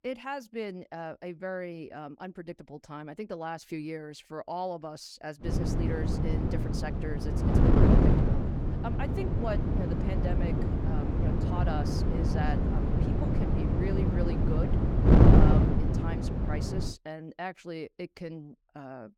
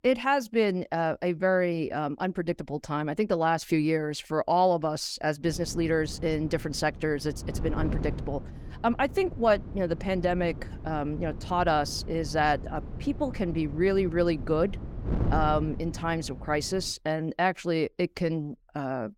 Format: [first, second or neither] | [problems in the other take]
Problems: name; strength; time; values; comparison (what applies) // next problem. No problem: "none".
second | wind noise on the microphone; heavy; from 5.5 to 17 s; 5 dB above the speech; occasional gusts in the second